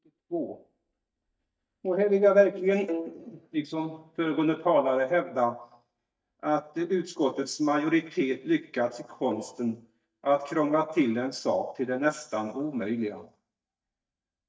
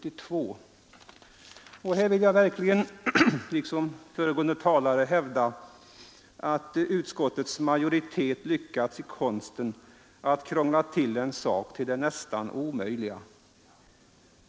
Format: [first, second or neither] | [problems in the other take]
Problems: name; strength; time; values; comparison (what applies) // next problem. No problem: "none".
second | noise reduction (neural mask model DeepFilterNet 3)